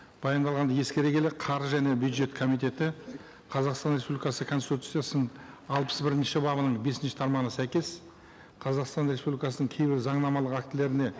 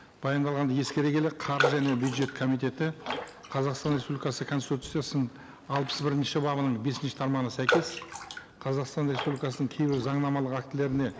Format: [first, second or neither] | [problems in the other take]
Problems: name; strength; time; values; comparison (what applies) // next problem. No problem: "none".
first | background sound (Raindrop); 9 dB below the speech